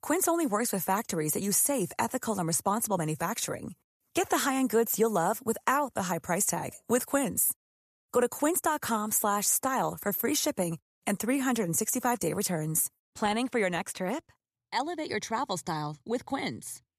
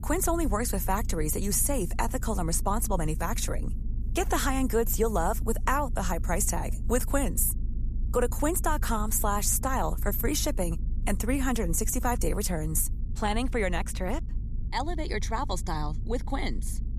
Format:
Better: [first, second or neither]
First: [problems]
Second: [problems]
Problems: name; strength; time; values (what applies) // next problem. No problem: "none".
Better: first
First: none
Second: low rumble; faint; throughout; 20 dB below the speech